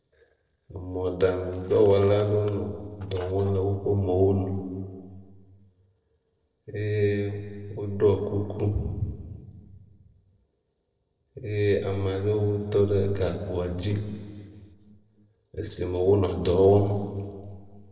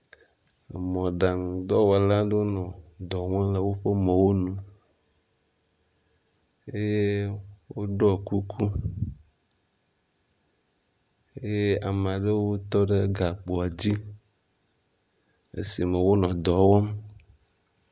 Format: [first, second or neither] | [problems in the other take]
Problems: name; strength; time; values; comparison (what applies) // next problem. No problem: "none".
second | noise reduction (neural separator model SepFormer DNS4)